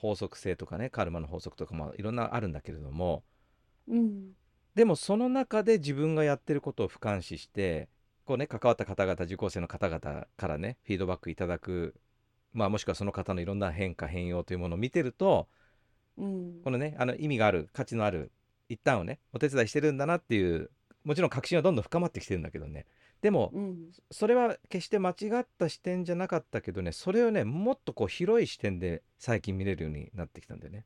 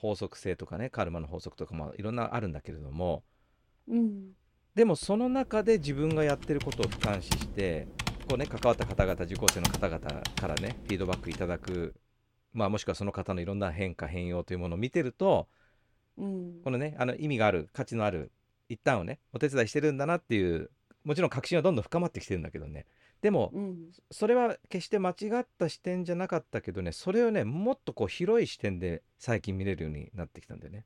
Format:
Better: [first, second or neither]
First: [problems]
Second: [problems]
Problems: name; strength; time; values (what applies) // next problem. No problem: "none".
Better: first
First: none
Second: keyboard typing; loud; from 6 to 11 s; peak 5 dB above the speech